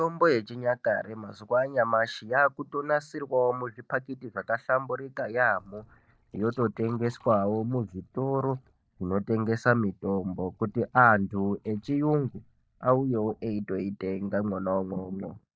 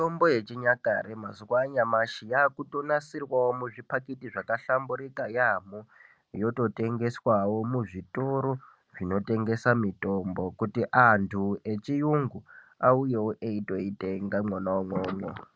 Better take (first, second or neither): second